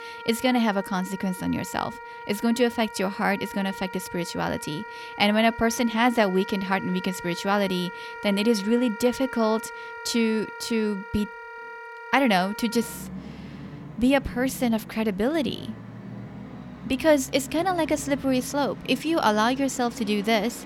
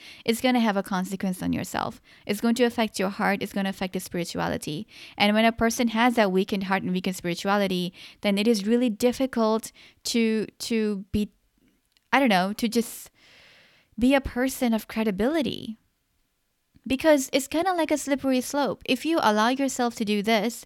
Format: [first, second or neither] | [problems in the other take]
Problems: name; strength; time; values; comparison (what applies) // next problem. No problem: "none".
second | background music; noticeable; throughout; 15 dB below the speech